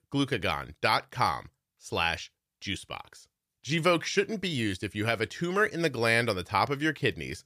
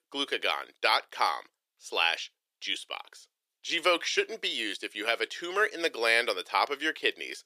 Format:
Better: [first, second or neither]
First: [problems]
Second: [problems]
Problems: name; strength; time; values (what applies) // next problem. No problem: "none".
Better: first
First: none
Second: thin; very; fading below 350 Hz